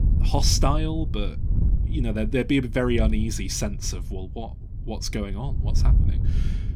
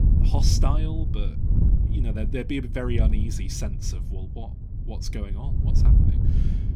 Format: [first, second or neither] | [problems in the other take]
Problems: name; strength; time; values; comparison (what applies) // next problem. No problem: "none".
first | wind noise on the microphone; heavy; 5 dB below the speech; occasional gusts in the first